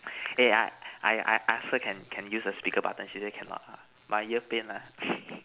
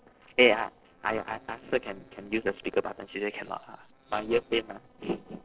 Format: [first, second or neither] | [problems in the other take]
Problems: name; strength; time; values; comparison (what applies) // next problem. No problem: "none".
first | noise reduction (neural separator model SepFormer DNS4)